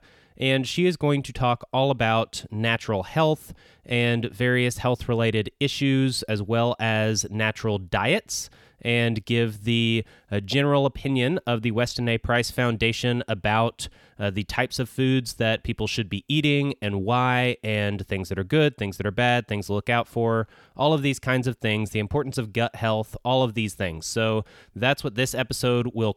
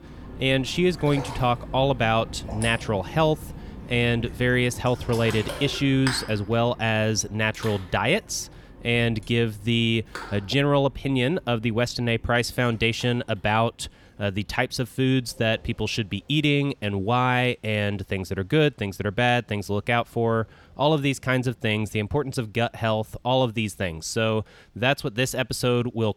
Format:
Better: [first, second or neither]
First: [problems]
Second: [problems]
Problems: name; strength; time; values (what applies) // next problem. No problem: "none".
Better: first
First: none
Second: rain or running water; noticeable; throughout; 15 dB below the speech